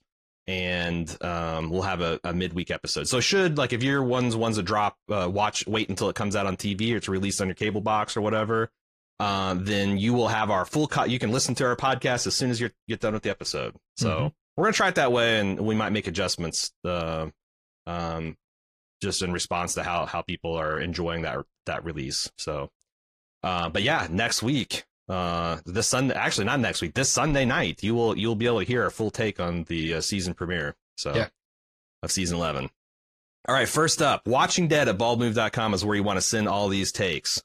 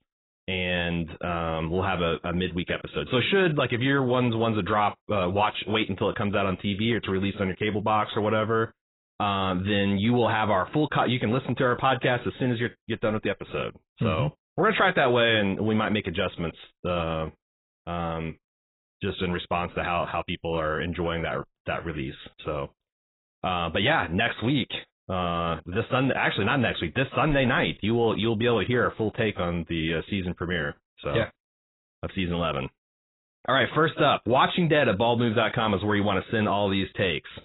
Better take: first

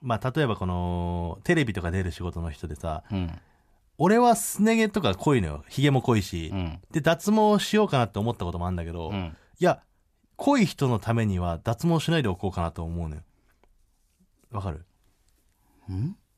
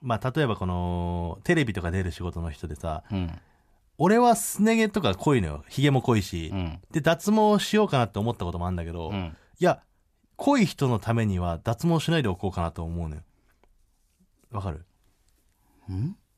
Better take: neither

